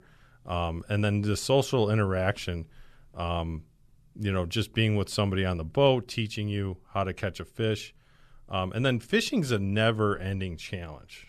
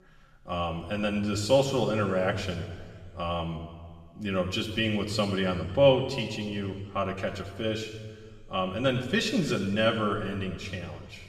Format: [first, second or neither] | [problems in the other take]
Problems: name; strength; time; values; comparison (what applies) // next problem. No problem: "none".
first | room echo; noticeable; dies away in 1.6 s // off-mic speech; far